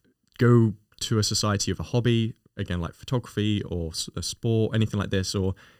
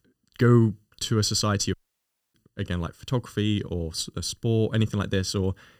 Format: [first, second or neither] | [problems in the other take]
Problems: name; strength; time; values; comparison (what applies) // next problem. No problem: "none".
first | audio cutting out; at 1.5 s for 0.5 s